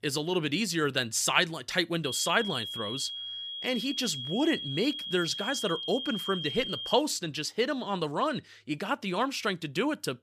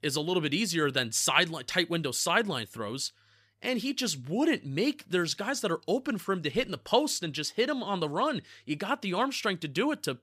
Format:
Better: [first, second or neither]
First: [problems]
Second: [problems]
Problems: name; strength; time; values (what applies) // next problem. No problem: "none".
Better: second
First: high-pitched whine; loud; from 2 to 7 s; 3.5 kHz, 5 dB below the speech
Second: none